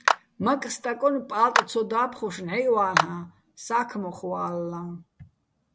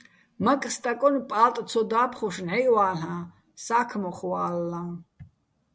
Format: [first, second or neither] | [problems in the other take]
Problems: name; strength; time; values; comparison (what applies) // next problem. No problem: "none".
second | background sound (Clapping); 3 dB below the speech